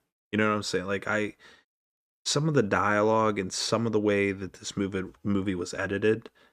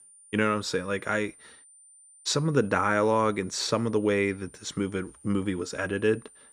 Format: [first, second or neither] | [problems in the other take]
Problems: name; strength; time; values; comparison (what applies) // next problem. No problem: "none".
first | high-pitched whine; faint; throughout; 9 kHz, 25 dB below the speech